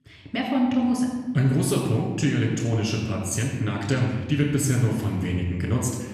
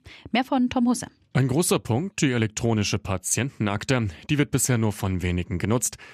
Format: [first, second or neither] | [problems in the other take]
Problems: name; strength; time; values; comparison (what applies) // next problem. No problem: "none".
second | off-mic speech; far // room echo; noticeable; dies away in 1.3 s